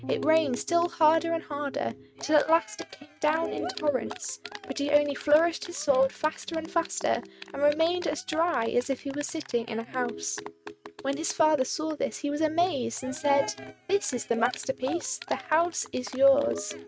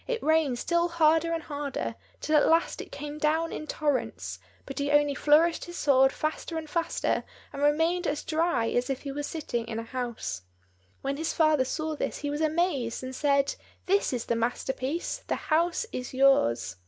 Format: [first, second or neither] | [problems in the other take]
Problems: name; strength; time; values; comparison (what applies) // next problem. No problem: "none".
second | noise reduction (neural mask model RNNoise)